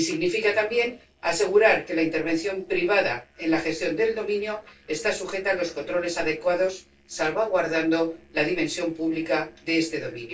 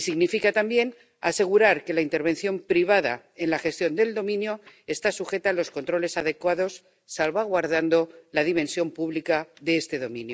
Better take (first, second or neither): second